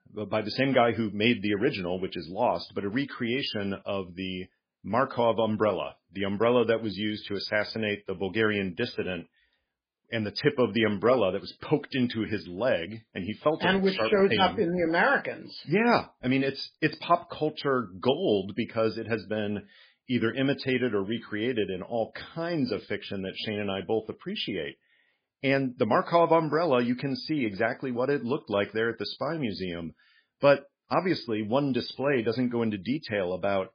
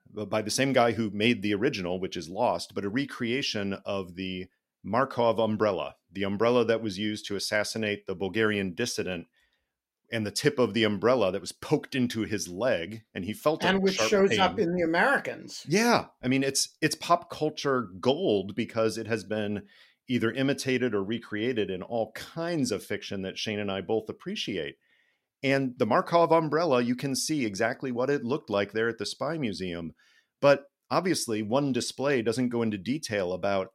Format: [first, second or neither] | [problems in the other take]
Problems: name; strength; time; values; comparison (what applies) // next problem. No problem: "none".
second | garbled, watery; badly; nothing above 5 kHz